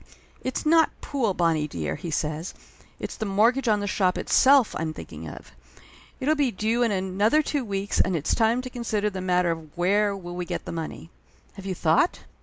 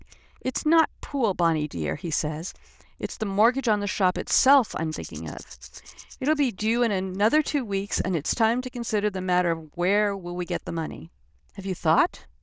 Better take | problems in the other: first | noise reduction (neural diffusion model UNIVERSE++)

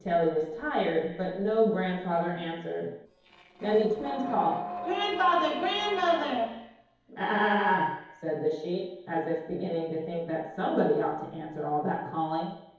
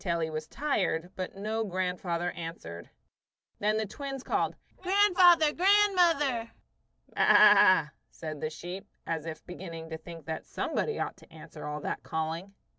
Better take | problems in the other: second | noise reduction (neural separator model SepFormer DNS4)

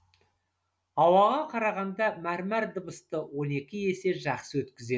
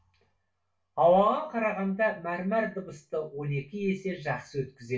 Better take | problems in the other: first | room echo; dies away in 0.2 s

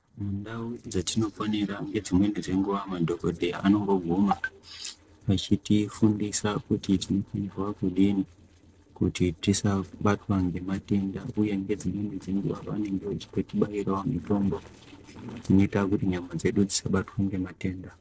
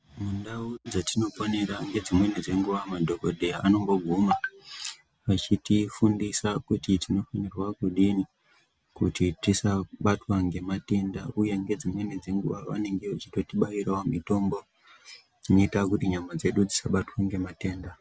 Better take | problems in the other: second | noise reduction (neural separator model SepFormer DNS4)

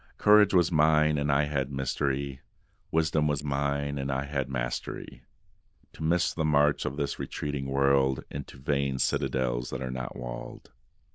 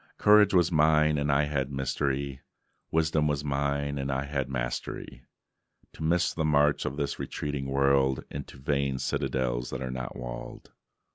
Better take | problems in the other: second | noise reduction (neural diffusion model UNIVERSE++)

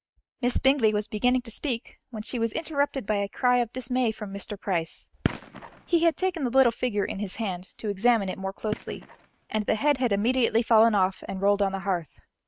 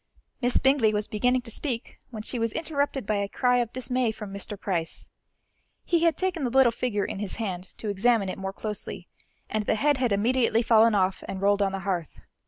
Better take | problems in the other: second | noise reduction (neural mask model RNNoise)

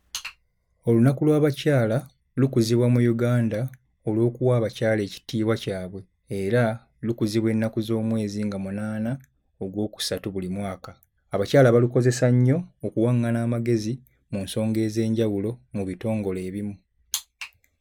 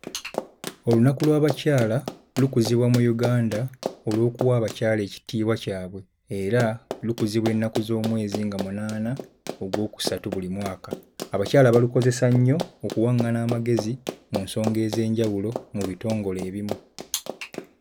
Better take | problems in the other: first | background sound (Run); 12 dB below the speech

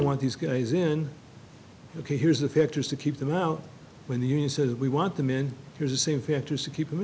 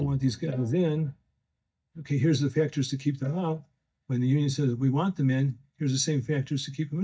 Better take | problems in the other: first | noise reduction (neural mask model DeepFilterNet 3)

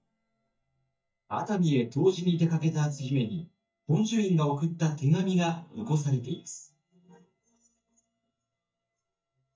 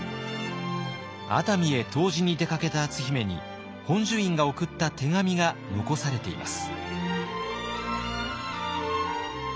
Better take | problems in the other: second | noise reduction (neural mask model DeepFilterNet 3)

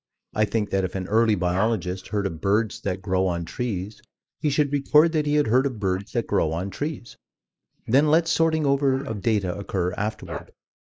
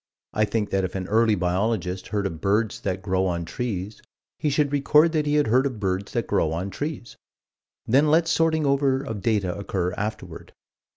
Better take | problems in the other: second | noise reduction (neural mask model Resemble Enhance denoiser)

